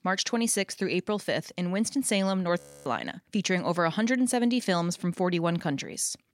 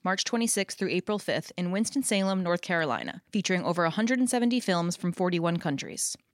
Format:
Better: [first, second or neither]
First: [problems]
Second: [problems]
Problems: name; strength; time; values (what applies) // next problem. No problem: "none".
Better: second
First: audio freezing; at 2.5 s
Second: none